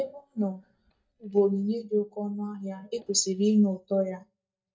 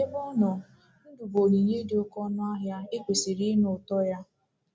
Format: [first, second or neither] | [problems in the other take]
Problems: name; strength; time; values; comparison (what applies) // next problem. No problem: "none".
second | noise reduction (neural mask model DeepFilterNet 3)